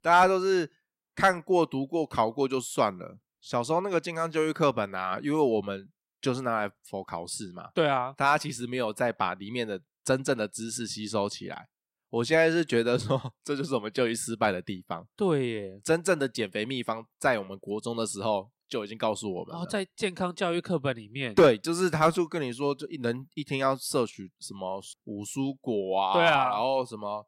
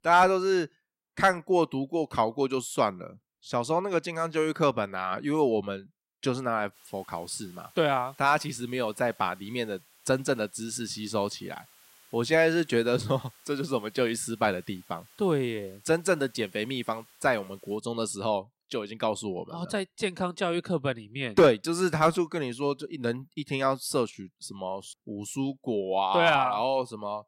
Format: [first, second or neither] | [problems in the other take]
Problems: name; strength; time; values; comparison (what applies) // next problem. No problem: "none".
first | hiss; faint; from 6.5 to 18 s; 25 dB below the speech